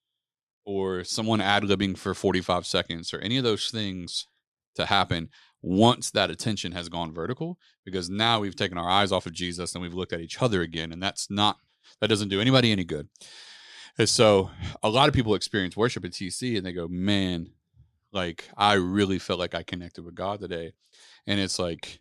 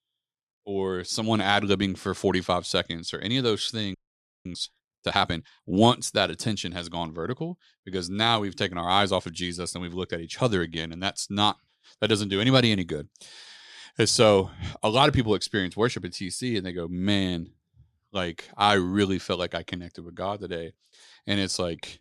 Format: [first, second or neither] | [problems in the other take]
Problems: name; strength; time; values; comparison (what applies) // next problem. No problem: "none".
first | audio freezing; at 4 s for 0.5 s